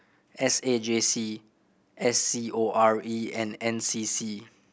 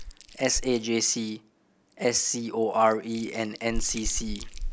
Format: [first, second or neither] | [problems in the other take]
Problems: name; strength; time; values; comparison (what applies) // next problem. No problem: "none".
first | background sound (Chewing, mastication); 8 dB below the speech